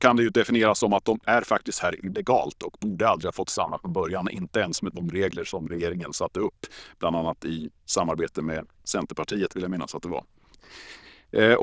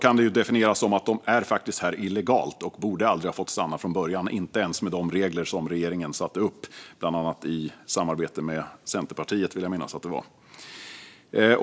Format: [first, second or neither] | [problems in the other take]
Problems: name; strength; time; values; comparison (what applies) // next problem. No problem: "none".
second | noise reduction (neural diffusion model UNIVERSE++)